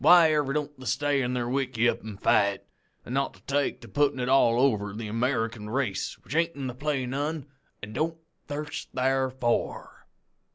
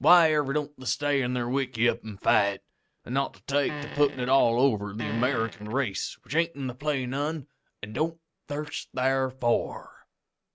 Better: first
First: none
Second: noise reduction (neural mask model RNNoise)

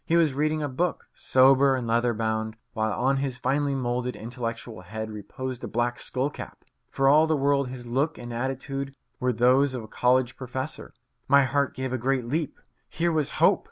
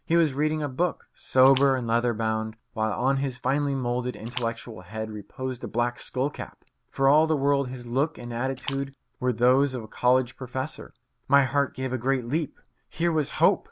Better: first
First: none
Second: background sound (Splash, splatter); 20 dB below the speech

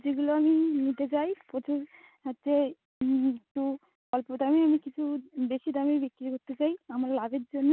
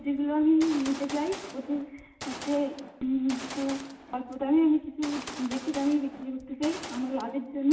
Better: first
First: none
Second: background sound (Gunshot, gunfire); 14 dB below the speech // room echo; dies away in 0.9 s

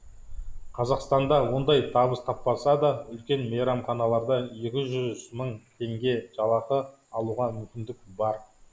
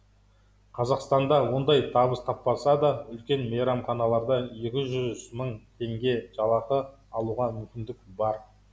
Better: second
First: noise reduction (neural mask model Resemble Enhance denoiser)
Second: none

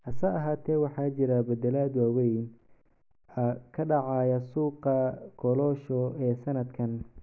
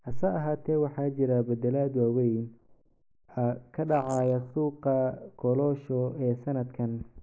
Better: first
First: none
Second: noise reduction (neural mask model Resemble Enhance denoiser)

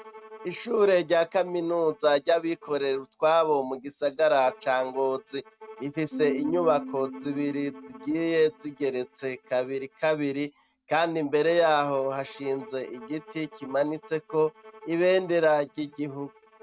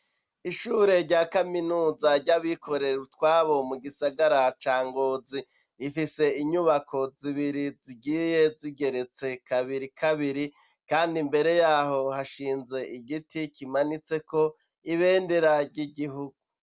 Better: second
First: noise reduction (neural mask model RNNoise)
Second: none

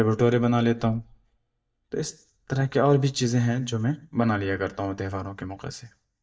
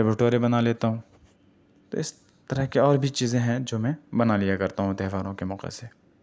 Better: second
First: noise reduction (neural mask model DeepFilterNet 3)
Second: none

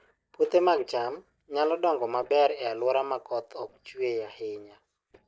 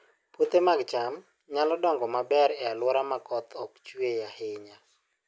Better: second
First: noise reduction (neural separator model SepFormer DNS4)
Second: none

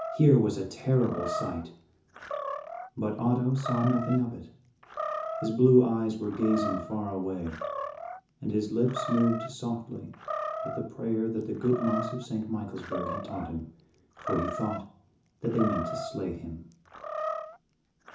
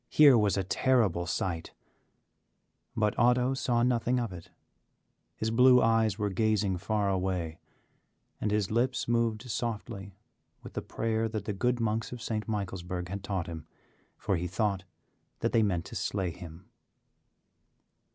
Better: second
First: background sound (Animal); 8 dB below the speech // room echo; dies away in 0.6 s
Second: none

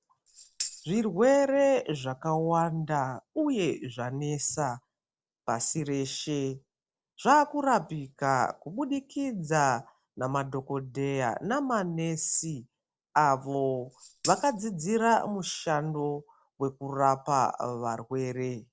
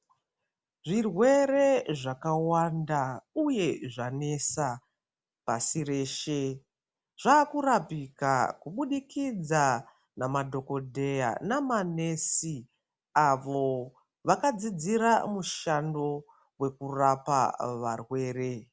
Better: second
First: noise reduction (neural separator model SepFormer DNS4)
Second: none

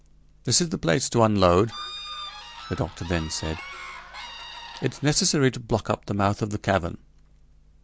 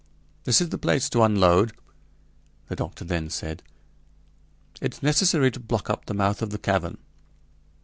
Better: second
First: background sound (Bird / Fowl); 13 dB below the speech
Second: none

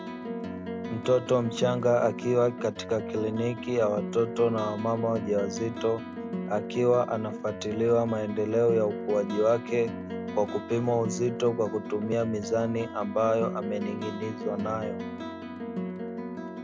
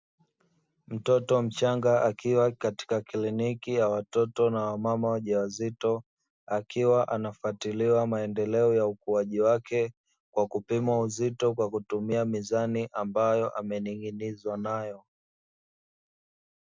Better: second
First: background sound (Plucked string instrument); 7 dB below the speech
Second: none

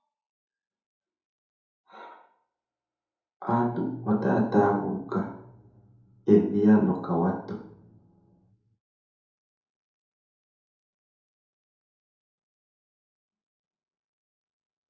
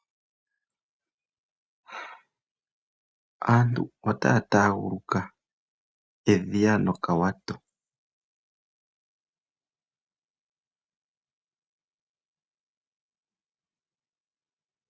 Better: second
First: room echo; dies away in 2.6 s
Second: none

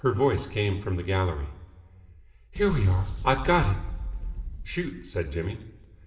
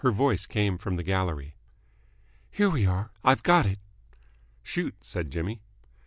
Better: second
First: background sound (Boom); 6 dB below the speech // room echo; dies away in 2.1 s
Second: none

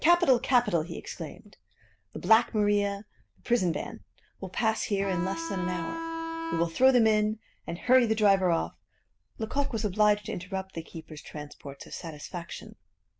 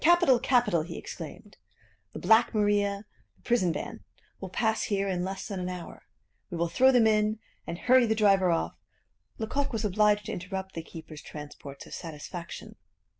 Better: second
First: background sound (Bowed string instrument); 6 dB below the speech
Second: none

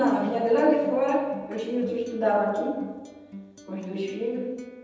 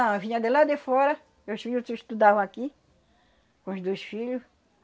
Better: second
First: background sound (Acoustic guitar); 17 dB below the speech // room echo; dies away in 1.1 s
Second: none

